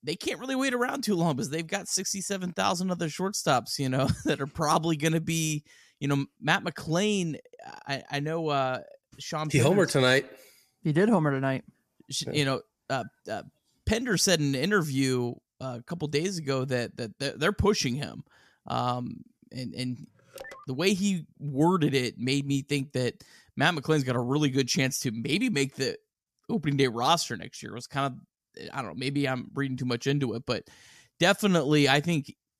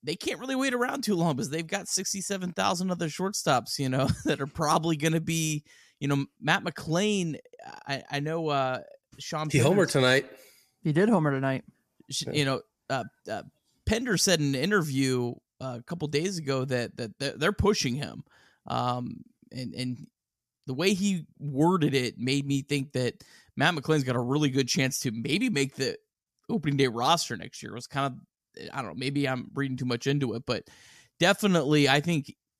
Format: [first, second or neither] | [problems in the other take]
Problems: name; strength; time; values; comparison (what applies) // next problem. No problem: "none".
second | phone ringing; faint; at 20 s; peak 15 dB below the speech